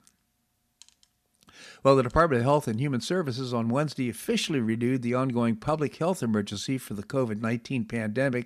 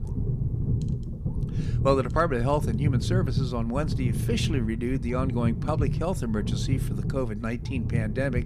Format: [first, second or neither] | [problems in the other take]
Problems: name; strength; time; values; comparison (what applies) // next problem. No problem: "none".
first | low rumble; loud; throughout; 10 dB below the speech